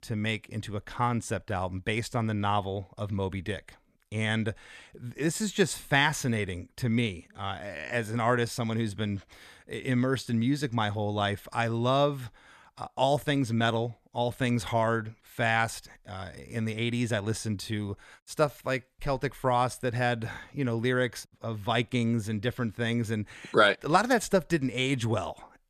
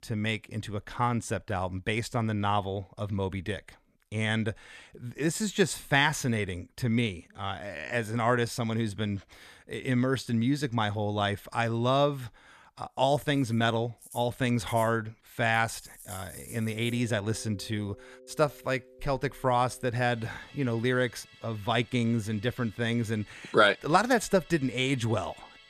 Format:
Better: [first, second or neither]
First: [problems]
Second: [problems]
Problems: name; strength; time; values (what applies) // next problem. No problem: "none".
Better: first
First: none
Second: background music; faint; from 14 s on; 20 dB below the speech